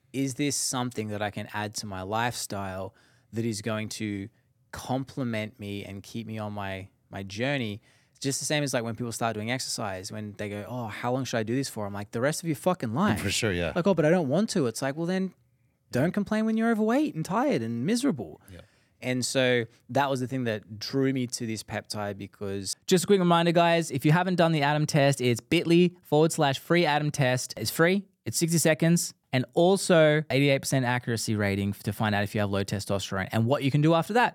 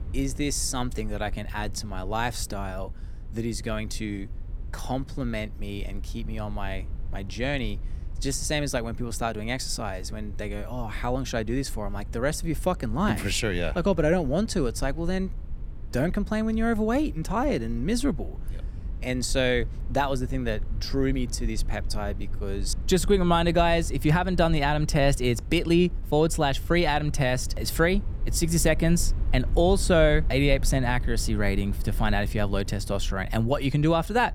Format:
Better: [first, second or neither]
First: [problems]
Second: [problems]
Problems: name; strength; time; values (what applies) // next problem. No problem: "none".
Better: first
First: none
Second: low rumble; faint; throughout; 25 dB below the speech